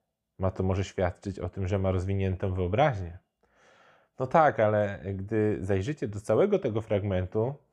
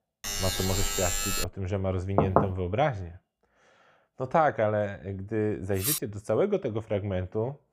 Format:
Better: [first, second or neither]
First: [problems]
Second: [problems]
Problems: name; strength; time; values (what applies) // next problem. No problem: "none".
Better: first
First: none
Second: alarm; loud; until 1.5 s; peak 2 dB above the speech // door banging; loud; at 2 s; peak 5 dB above the speech // clattering dishes; loud; at 6 s; peak 1 dB above the speech